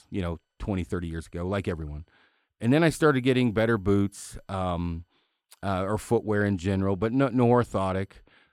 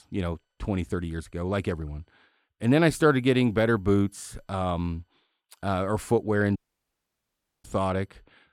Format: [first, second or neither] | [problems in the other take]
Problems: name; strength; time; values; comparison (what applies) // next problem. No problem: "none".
first | audio cutting out; at 6.5 s for 1 s